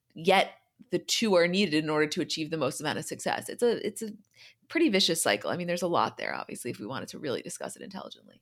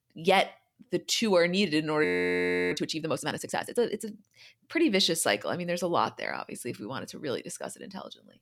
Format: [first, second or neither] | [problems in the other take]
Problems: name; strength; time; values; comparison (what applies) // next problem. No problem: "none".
first | audio freezing; at 2 s for 0.5 s